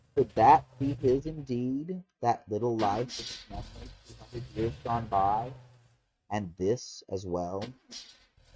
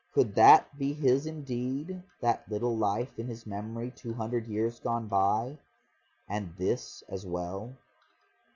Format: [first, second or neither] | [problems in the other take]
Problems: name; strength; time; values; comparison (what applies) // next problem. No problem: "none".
second | noise reduction (neural mask model RNNoise)